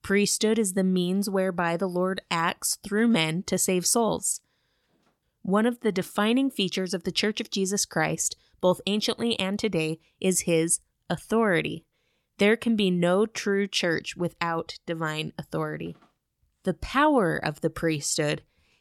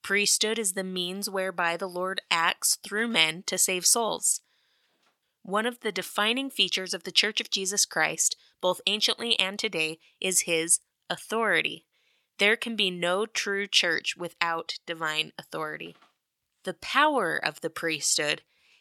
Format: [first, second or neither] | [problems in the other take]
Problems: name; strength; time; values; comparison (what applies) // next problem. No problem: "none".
first | thin; somewhat; fading below 900 Hz